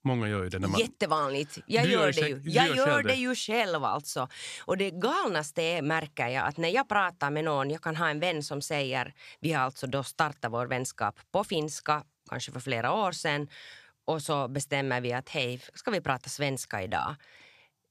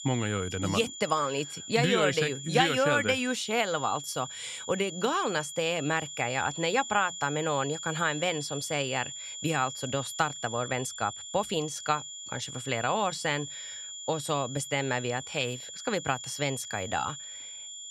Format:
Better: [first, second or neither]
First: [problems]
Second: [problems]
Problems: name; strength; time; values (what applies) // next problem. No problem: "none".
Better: first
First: none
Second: high-pitched whine; loud; throughout; 3.5 kHz, 9 dB below the speech